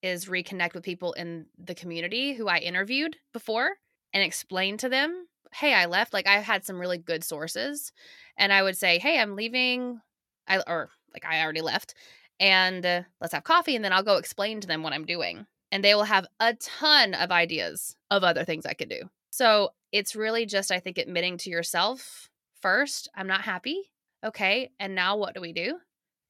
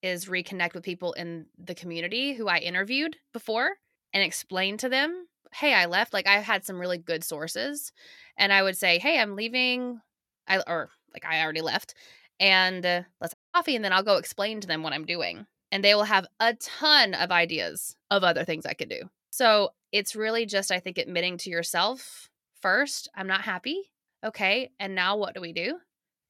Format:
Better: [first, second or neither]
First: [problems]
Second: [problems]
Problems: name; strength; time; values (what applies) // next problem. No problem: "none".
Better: first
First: none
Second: audio cutting out; at 13 s